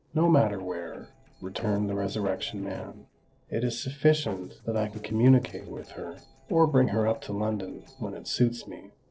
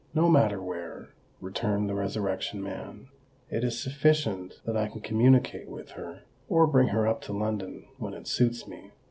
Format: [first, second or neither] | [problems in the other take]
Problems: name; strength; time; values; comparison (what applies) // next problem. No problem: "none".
second | noise reduction (neural separator model SepFormer DNS4)